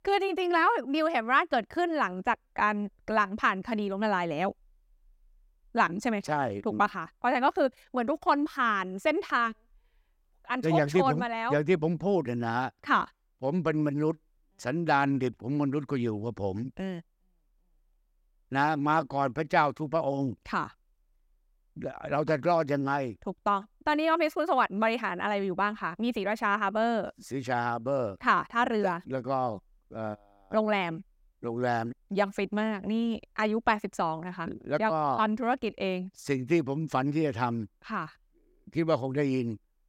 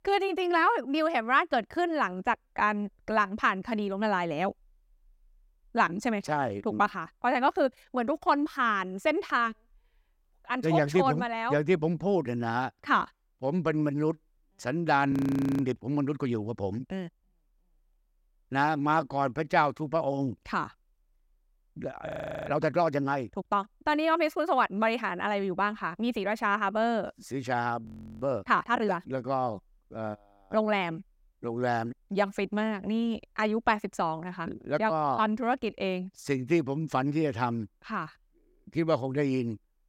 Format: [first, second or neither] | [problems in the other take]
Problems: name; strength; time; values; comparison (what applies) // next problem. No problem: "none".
first | audio freezing; at 15 s, at 22 s and at 28 s